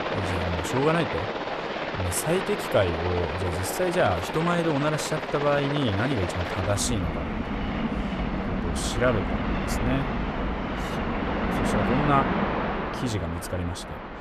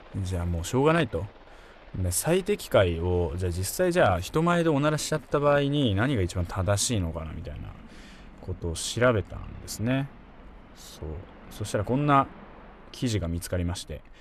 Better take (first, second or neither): second